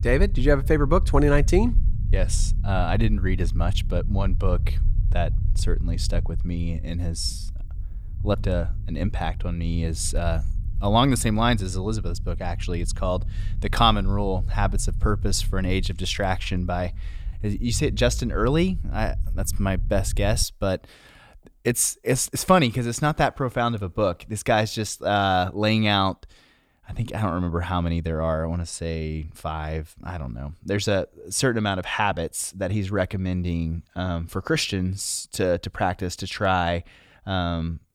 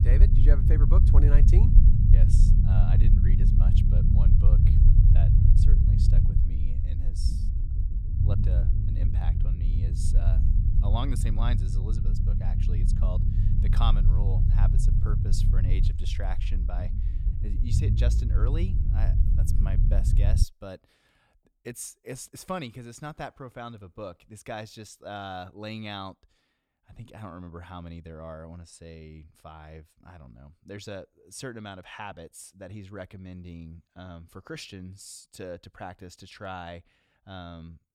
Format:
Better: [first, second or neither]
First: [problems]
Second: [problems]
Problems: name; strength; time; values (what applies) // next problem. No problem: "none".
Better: first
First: low rumble; faint; until 20 s; 20 dB below the speech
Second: low rumble; loud; until 20 s; as loud as the speech